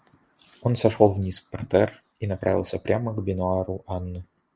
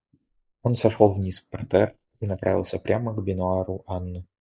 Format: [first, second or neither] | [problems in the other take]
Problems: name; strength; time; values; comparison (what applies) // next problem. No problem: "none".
first | noise reduction (neural mask model Resemble Enhance denoiser)